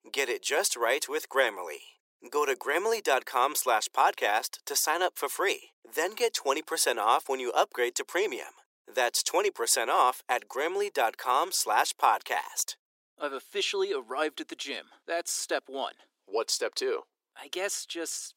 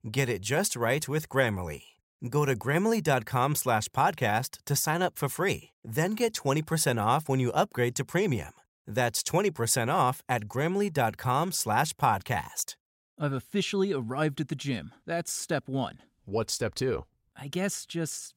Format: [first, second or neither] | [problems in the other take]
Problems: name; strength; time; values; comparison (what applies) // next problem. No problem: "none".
second | thin; very; fading below 350 Hz